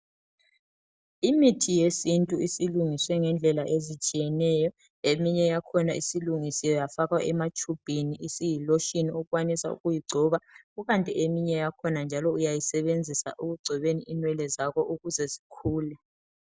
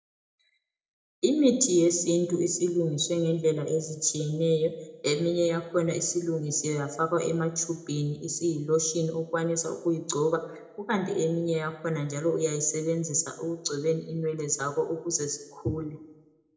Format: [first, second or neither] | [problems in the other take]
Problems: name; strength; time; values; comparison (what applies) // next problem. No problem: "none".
first | room echo; dies away in 0.5 s